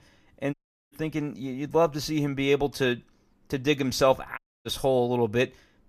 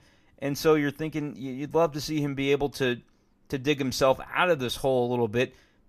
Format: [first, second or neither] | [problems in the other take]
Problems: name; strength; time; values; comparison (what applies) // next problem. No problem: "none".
second | audio cutting out; at 0.5 s and at 4.5 s